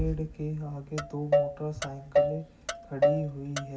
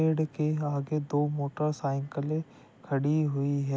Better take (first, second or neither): second